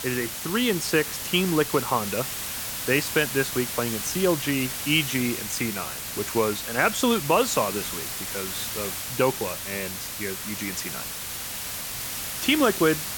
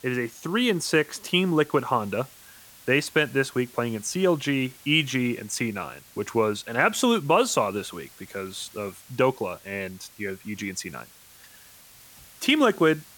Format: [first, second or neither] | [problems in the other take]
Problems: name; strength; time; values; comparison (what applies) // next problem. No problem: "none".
second | hiss; loud; throughout; 4 dB below the speech; faint in the second